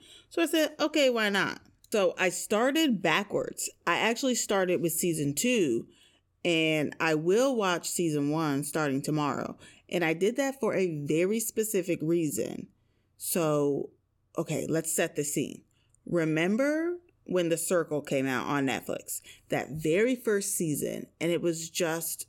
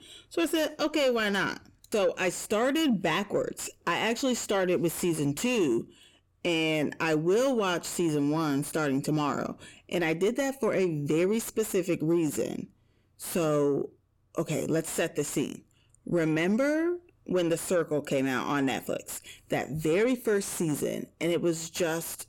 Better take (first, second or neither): first